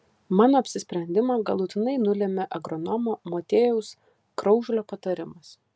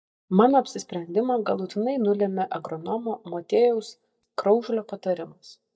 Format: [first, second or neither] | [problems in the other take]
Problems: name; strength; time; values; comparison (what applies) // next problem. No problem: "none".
first | noise reduction (neural mask model DeepFilterNet 3)